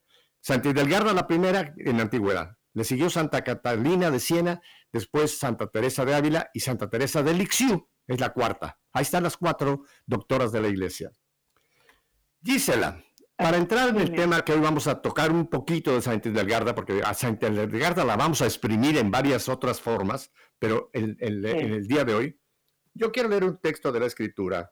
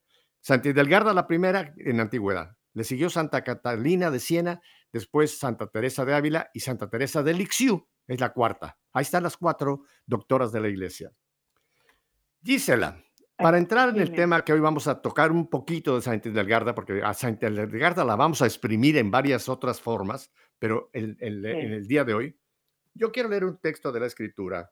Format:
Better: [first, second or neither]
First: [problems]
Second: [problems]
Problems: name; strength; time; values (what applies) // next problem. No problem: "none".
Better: second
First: distortion; heavy; 13% of the sound clipped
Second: none